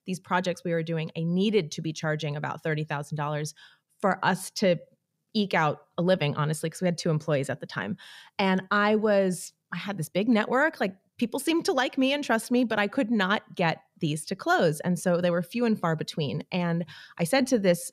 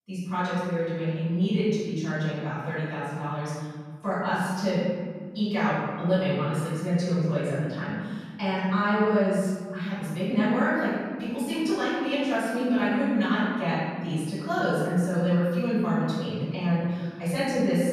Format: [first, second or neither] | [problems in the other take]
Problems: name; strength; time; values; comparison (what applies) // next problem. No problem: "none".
first | off-mic speech; far // room echo; strong; dies away in 1.9 s